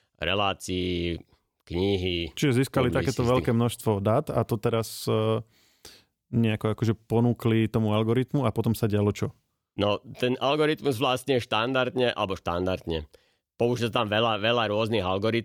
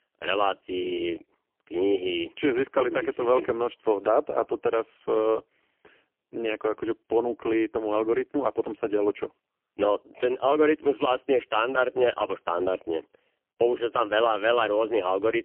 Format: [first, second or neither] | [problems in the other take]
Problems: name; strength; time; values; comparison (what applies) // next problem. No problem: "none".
first | phone-call audio; poor line; nothing above 3 kHz